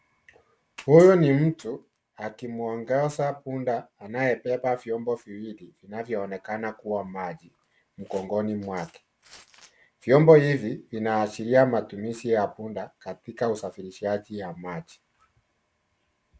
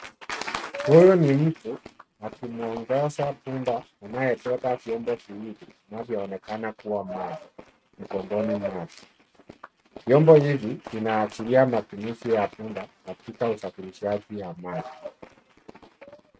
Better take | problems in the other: first | noise reduction (neural mask model RNNoise)

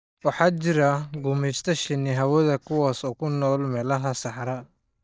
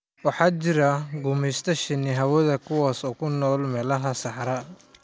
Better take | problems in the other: second | noise reduction (neural mask model DeepFilterNet 3)

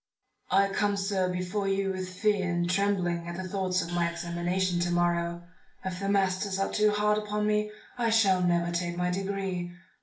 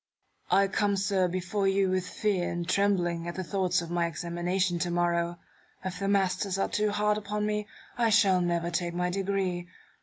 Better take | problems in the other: second | noise reduction (neural separator model SepFormer DNS4)

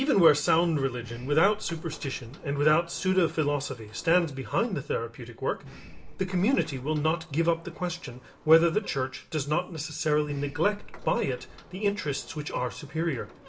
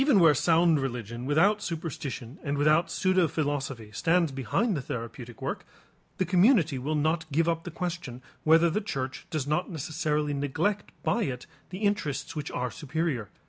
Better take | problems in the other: second | background sound (Sliding door); 18 dB below the speech // room echo; dies away in 0.4 s

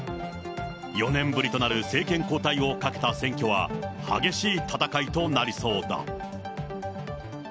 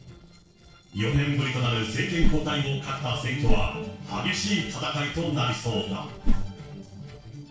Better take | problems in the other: first | noise reduction (neural separator model SepFormer DNS4)

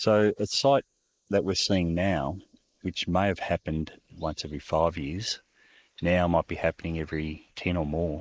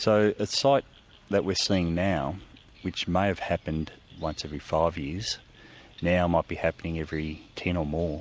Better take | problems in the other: second | noise reduction (neural mask model Resemble Enhance denoiser)

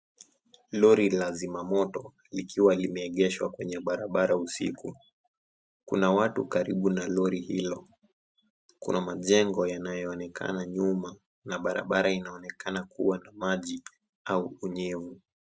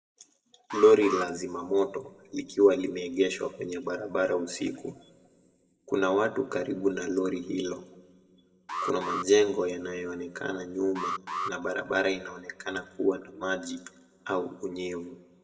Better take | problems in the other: first | background sound (Alarm); 8 dB below the speech // room echo; dies away in 0.9 s

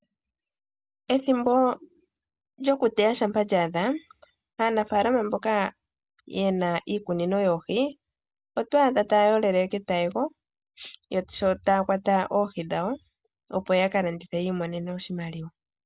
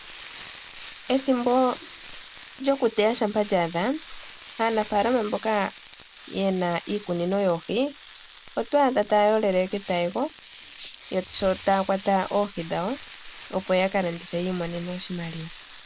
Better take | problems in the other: first | background sound (Frying (food)); 18 dB below the speech

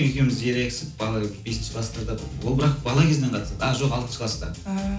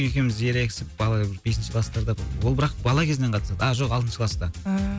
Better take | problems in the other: second | room echo; dies away in 0.4 s

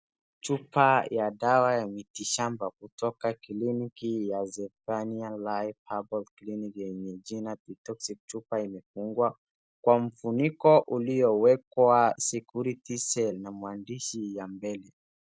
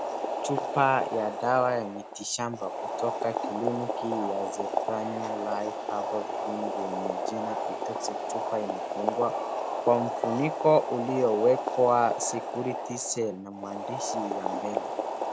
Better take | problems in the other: first | background sound (Boiling); 2 dB below the speech

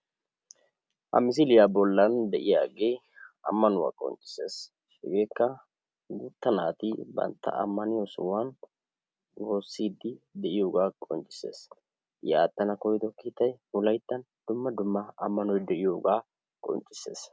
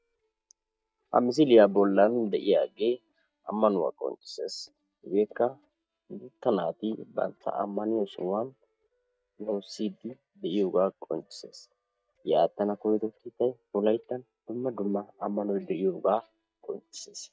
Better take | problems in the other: first | noise reduction (neural mask model DeepFilterNet 3)

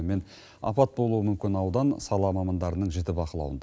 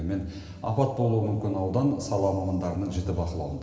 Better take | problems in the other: first | room echo; dies away in 2.3 s

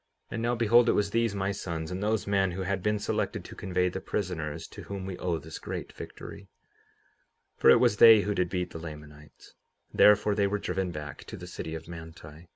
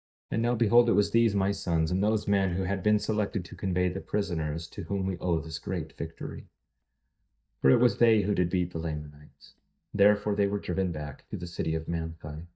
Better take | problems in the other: first | noise reduction (neural mask model DeepFilterNet 3)

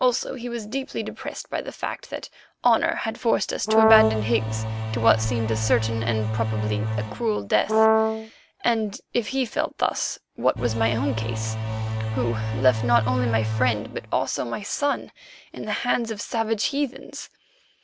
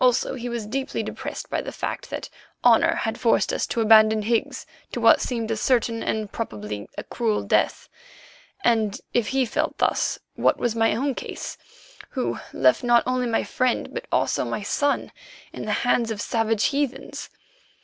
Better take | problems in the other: second | background sound (Brass instrument + Engine / Domestic sounds, home sounds); 1 dB above the speech

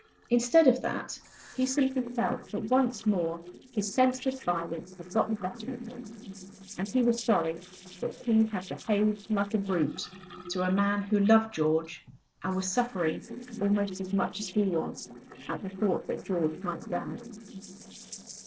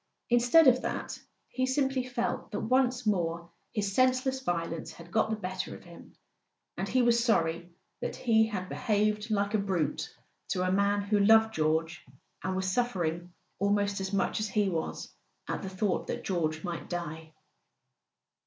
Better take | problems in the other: second | noise reduction (neural separator model SepFormer DNS4)

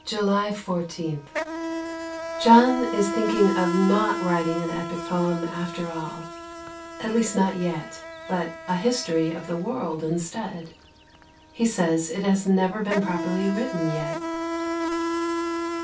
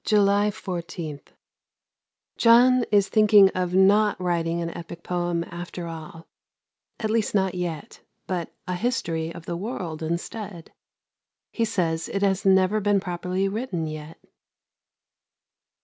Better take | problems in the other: second | background sound (Insect); 7 dB below the speech // room echo; dies away in 0.2 s

